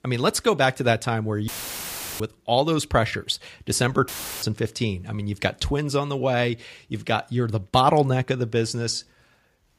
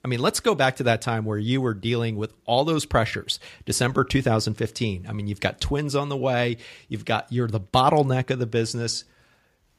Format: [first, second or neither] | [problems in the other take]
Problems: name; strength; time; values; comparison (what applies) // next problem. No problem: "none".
second | audio cutting out; filled with static; at 1.5 s for 0.5 s and at 4 s